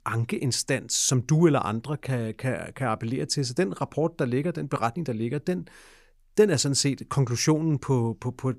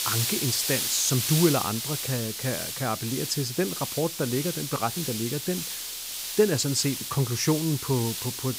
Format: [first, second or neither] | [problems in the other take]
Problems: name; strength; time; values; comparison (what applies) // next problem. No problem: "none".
first | hiss; loud; throughout; 2 dB below the speech